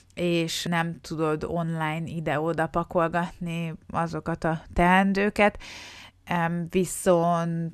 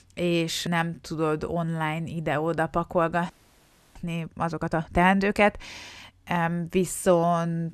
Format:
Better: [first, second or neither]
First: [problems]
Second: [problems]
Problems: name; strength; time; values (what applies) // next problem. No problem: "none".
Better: first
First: none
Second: audio freezing; at 3.5 s for 0.5 s